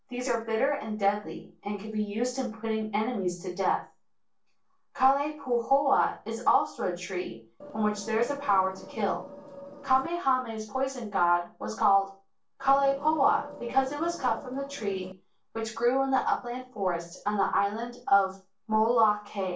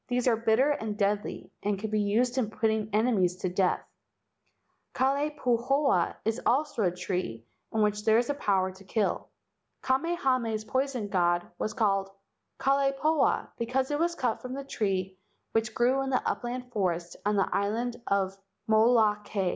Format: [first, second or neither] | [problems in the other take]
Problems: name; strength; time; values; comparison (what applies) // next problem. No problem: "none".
second | noise reduction (neural separator model SepFormer DNS4)